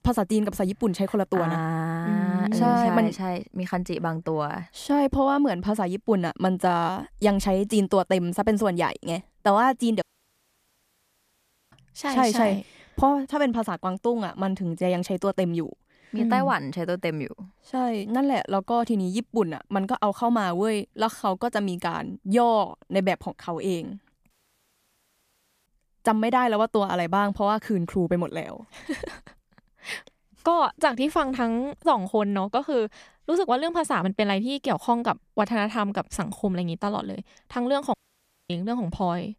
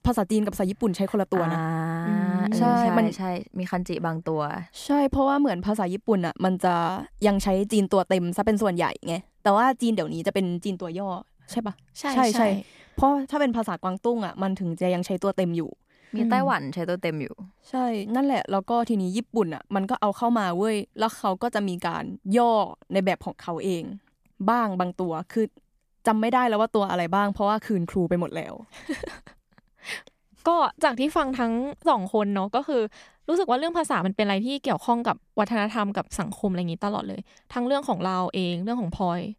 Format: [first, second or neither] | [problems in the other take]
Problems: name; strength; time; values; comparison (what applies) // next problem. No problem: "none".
second | audio cutting out; at 10 s for 1.5 s, at 24 s for 1.5 s and at 38 s for 0.5 s